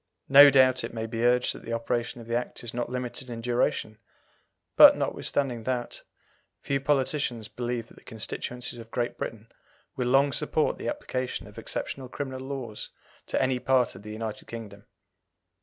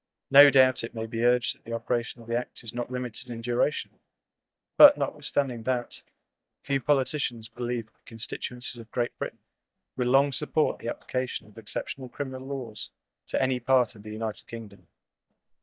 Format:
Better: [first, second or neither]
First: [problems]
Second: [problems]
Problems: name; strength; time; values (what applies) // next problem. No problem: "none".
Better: first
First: none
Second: noise reduction (neural mask model DeepFilterNet 3)